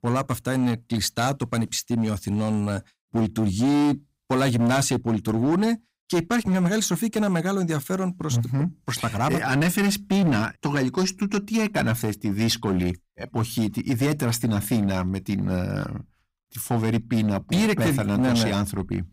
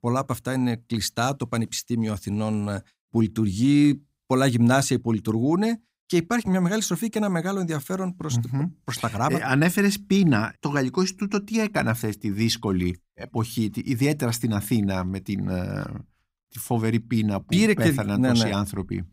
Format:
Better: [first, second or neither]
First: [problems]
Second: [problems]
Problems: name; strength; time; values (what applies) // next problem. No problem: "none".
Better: second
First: distortion; slight; 11% of the sound clipped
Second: none